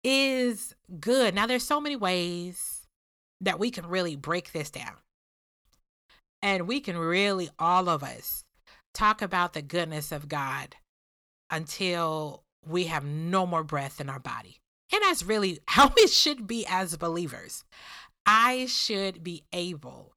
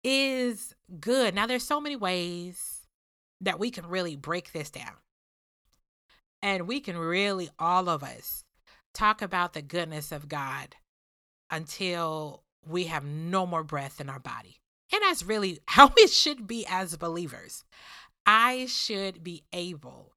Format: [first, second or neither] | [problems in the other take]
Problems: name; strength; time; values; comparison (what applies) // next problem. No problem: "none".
second | distortion; slight; 10 dB below the speech